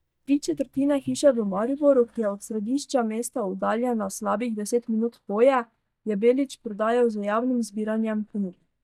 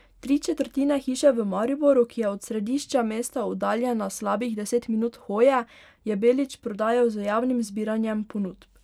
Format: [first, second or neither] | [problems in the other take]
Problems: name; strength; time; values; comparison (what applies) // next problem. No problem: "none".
second | noise reduction (neural mask model DeepFilterNet 3)